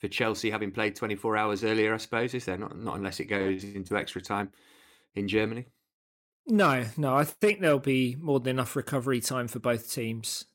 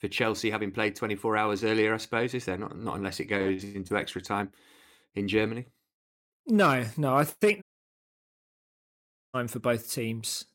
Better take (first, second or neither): first